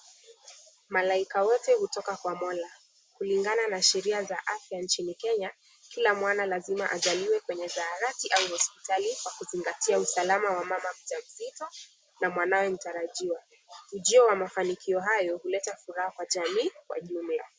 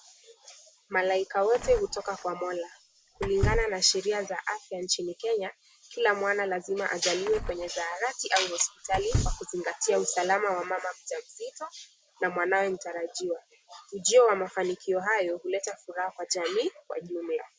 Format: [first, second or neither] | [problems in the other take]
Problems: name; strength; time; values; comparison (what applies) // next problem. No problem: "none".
first | background sound (Door / Car); 6 dB below the speech